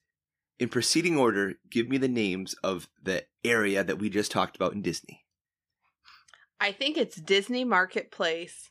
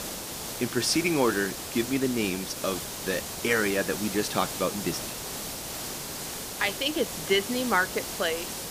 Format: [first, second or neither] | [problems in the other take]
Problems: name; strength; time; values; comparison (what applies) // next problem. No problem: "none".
first | hiss; loud; throughout; 6 dB below the speech